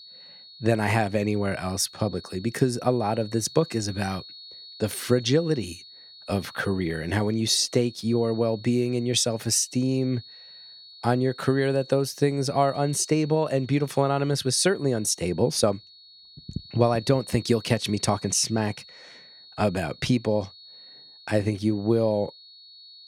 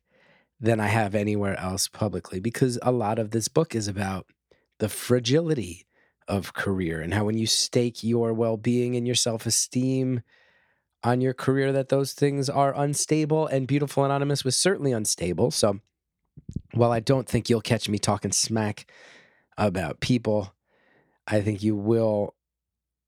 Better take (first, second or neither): second